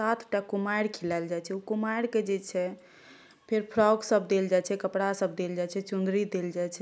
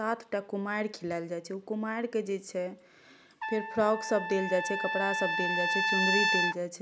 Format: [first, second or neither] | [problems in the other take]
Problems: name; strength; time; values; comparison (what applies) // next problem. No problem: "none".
first | background sound (Trumpet); 2 dB above the speech